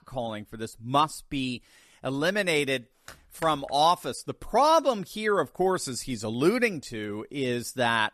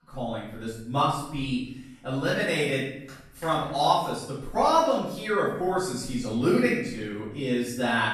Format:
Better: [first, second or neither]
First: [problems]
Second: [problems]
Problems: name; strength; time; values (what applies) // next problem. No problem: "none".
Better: first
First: none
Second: off-mic speech; far // room echo; noticeable; dies away in 0.7 s